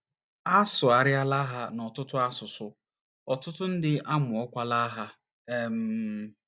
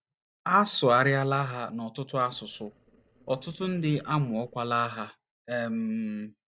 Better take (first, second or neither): first